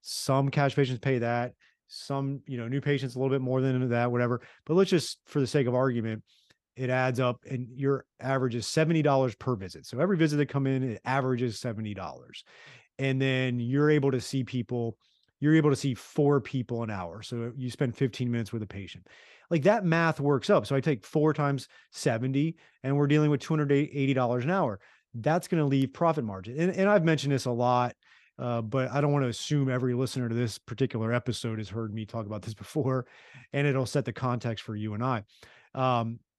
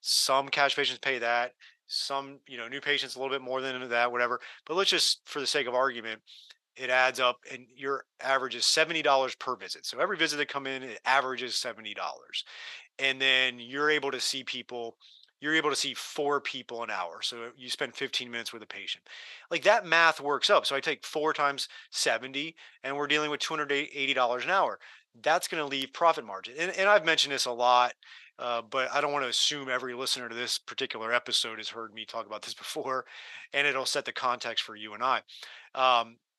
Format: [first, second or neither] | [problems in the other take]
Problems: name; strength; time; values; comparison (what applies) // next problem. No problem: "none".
first | thin; very; fading below 800 Hz